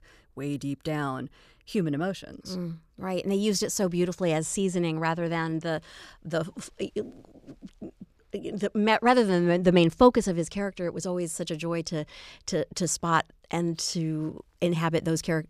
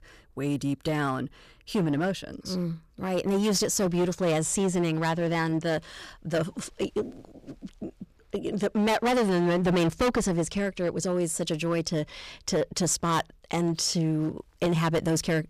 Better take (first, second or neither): first